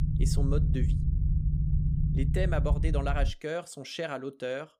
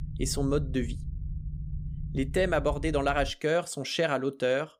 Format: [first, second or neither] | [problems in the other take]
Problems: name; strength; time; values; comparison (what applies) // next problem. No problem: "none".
second | low rumble; loud; until 3.5 s; 7 dB below the speech; faint in the second